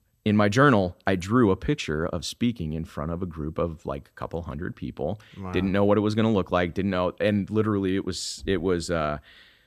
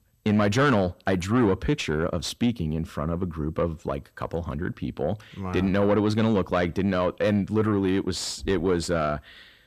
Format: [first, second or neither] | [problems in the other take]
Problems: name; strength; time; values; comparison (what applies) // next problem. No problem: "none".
first | distortion; slight; 10 dB below the speech